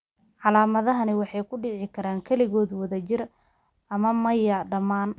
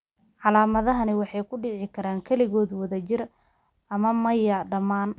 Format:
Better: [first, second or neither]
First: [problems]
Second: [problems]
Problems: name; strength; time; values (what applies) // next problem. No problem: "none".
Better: first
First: none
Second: background sound (Bass drum); 13 dB below the speech